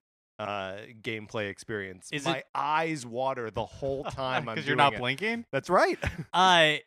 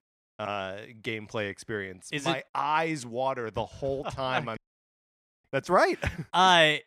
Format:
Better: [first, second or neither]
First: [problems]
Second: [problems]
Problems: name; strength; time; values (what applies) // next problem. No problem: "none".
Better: first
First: none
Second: audio cutting out; at 4.5 s for 1 s